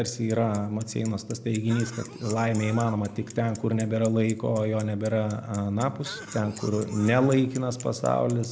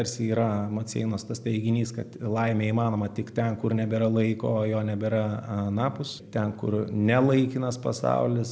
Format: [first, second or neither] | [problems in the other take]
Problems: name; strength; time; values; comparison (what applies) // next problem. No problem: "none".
second | background sound (Bicycle + Cough); 19 dB below the speech